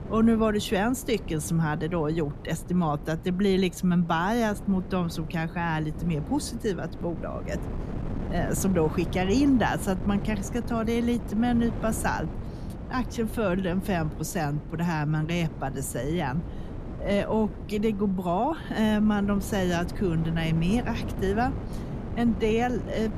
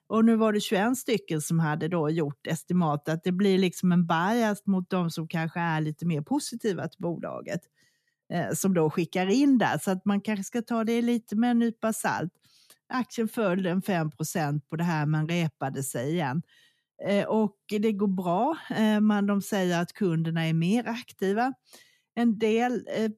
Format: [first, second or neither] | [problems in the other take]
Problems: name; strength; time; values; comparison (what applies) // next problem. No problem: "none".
second | wind noise on the microphone; occasional gusts; 15 dB below the speech